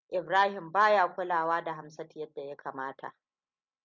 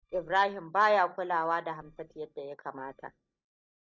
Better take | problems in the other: first | noise reduction (neural mask model DeepFilterNet 3)

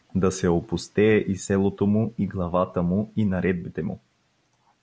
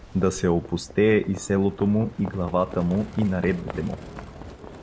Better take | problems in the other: first | background sound (Livestock, farm animals, working animals); 14 dB below the speech

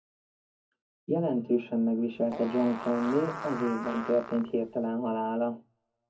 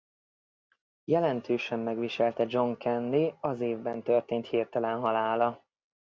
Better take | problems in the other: second | background sound (Fart); 10 dB below the speech // room echo; dies away in 0.4 s

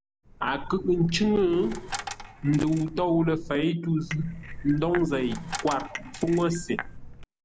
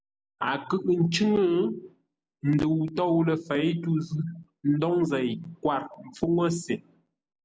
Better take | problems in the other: second | background sound (Coin (dropping) + Cutlery, silverware / Dishes, pots, and pans / Chink, clink); 12 dB below the speech

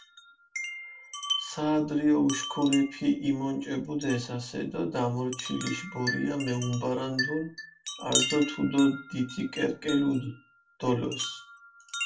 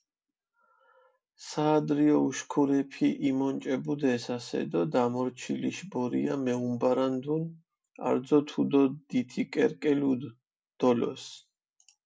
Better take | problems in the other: second | background sound (Wind chime); 8 dB below the speech // room echo; dies away in 0.2 s

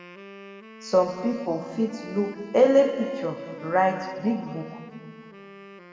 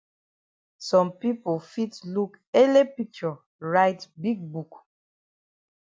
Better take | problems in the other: second | background sound (Wind instrument, woodwind instrument); 18 dB below the speech // room echo; dies away in 2.2 s

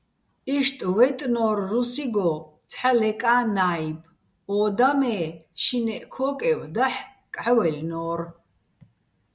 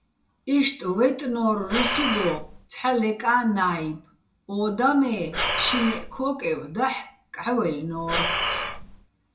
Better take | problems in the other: first | background sound (Breathing); 3 dB below the speech // room echo; dies away in 0.2 s

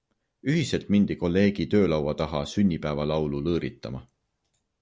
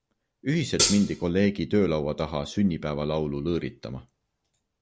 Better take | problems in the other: first | background sound (Hi-hat); 1 dB above the speech

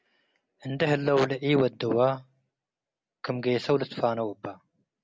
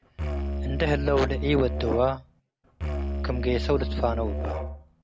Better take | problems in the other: first | background sound (Musical instrument); 1 dB below the speech

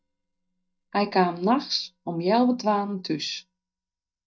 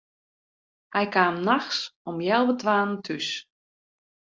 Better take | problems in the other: second | noise reduction (neural mask model DeepFilterNet 3)

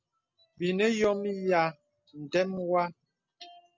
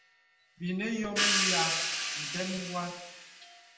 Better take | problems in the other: first | background sound (Crash cymbal / Hi-hat); 3 dB above the speech // room echo; dies away in 0.8 s

